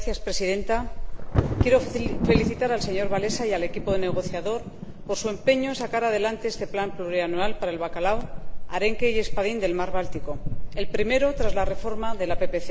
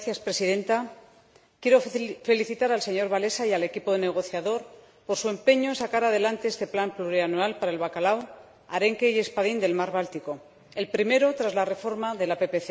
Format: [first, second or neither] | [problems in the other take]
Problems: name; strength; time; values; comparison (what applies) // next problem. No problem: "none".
second | background sound (Thunder / Wind / Bird vocalization, bird call, bird song); 1 dB above the speech